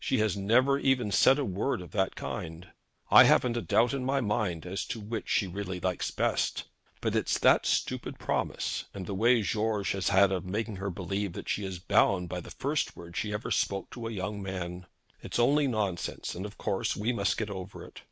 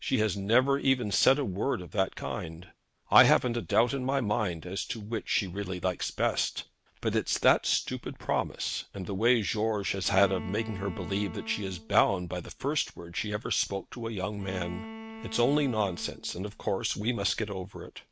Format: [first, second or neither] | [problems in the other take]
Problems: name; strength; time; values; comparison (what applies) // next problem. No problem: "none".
first | background sound (Bowed string instrument); 14 dB below the speech